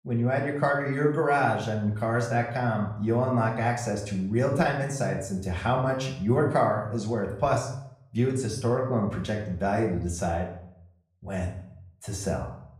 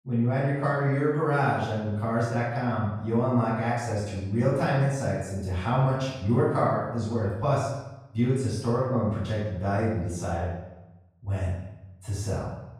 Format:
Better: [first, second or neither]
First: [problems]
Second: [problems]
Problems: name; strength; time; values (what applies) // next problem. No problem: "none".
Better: first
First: room echo; slight; dies away in 0.5 s // off-mic speech; far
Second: room echo; strong; dies away in 0.8 s // off-mic speech; far